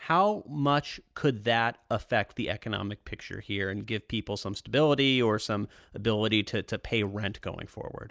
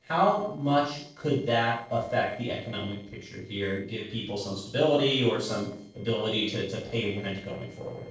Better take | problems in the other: first | noise reduction (neural separator model SepFormer DNS4)

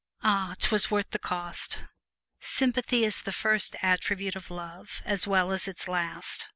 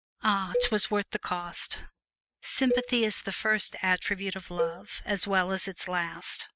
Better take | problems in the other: first | noise reduction (neural mask model RNNoise)

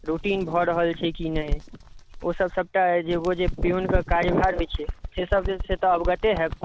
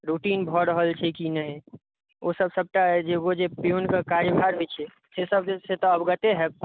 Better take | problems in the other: second | background sound (Bird); 7 dB below the speech

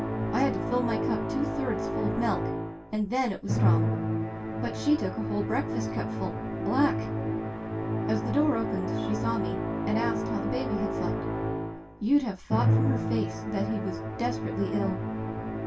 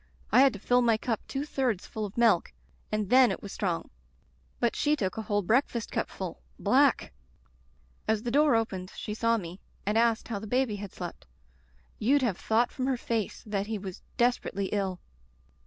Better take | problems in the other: second | background sound (Musical instrument); 2 dB above the speech // room echo; dies away in 0.2 s

